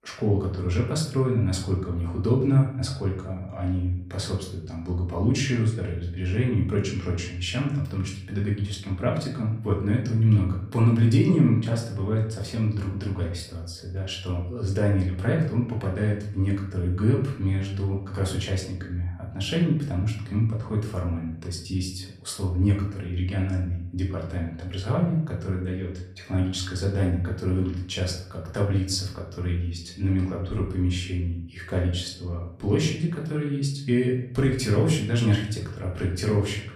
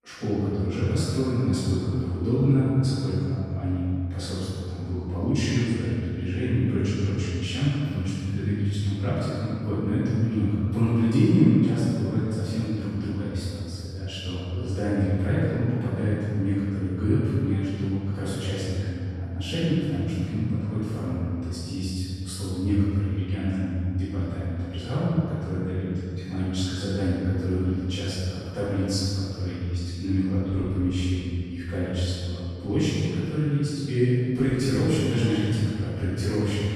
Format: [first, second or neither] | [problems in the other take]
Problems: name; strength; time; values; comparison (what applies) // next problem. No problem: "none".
first | room echo; strong; dies away in 2.4 s; slight in the first // off-mic speech; far; far in the first